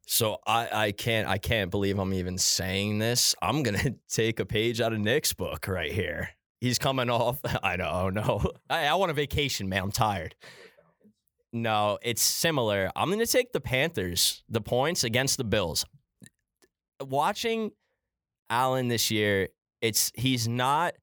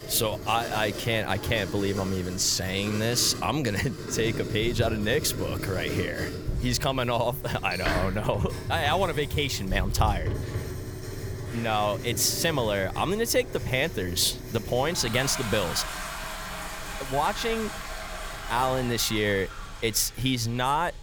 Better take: first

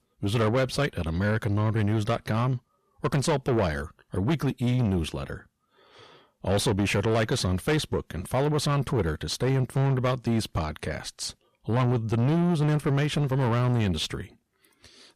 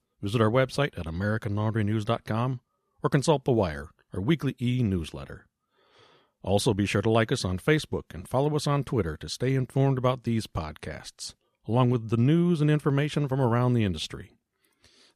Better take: second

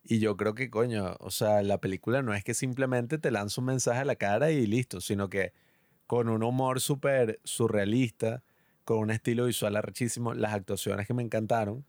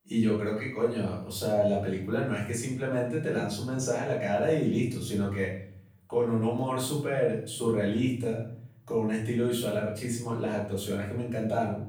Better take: first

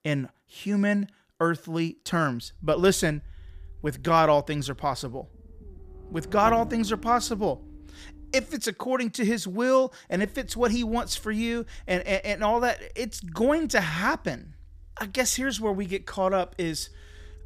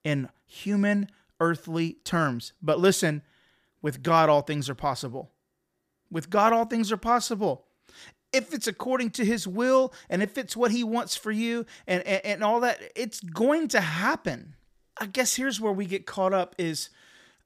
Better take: second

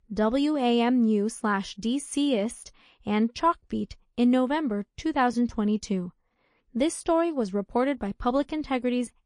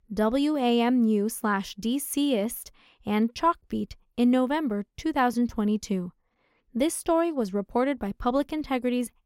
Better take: second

